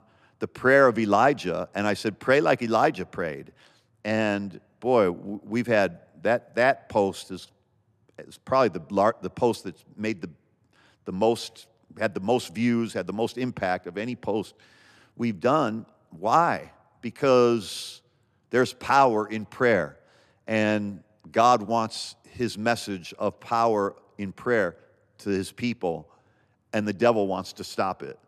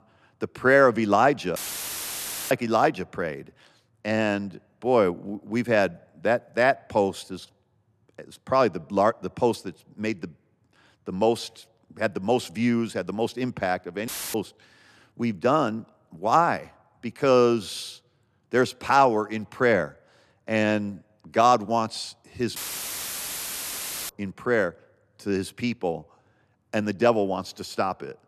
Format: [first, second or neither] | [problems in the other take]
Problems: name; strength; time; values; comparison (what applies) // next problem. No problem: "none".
first | audio cutting out; filled with static; at 1.5 s for 1 s, at 14 s and at 23 s for 1.5 s